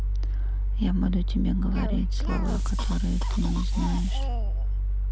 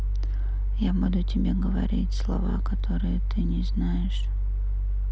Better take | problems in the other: second | background sound (Cough); 18 dB below the speech

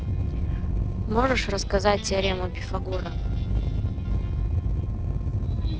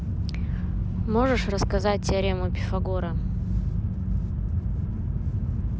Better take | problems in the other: second | noise reduction (neural separator model SepFormer DNS4)

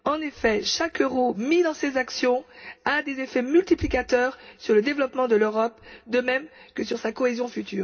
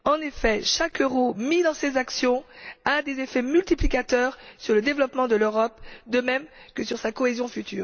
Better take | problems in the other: second | room echo; dies away in 0.3 s

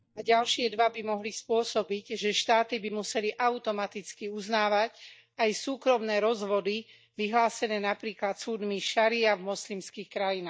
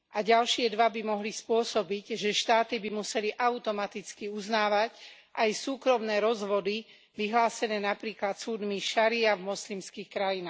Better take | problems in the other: second | noise reduction (neural mask model DeepFilterNet 3)

